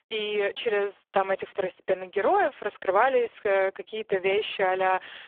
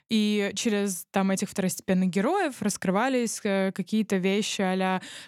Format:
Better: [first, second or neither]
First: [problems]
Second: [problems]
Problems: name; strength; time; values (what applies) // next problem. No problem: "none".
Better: second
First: phone-call audio; poor line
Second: none